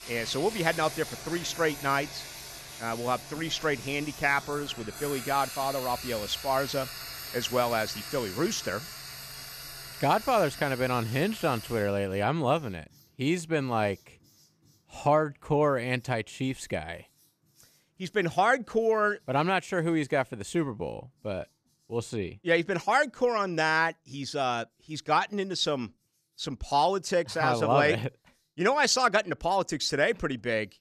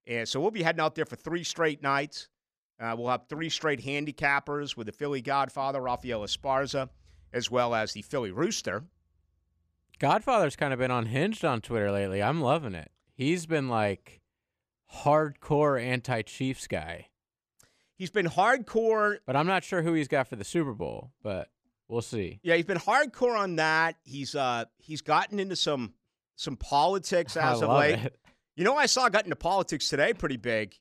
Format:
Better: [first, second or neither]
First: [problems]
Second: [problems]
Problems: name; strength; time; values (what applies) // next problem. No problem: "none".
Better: second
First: household noises; noticeable; throughout; 10 dB below the speech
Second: none